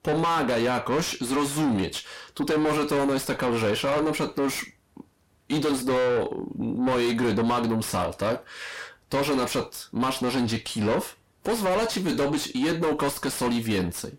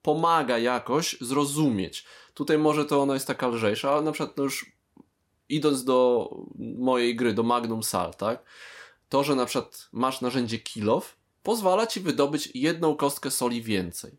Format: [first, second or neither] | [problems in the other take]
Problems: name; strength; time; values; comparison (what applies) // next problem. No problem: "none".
second | distortion; heavy; 5 dB below the speech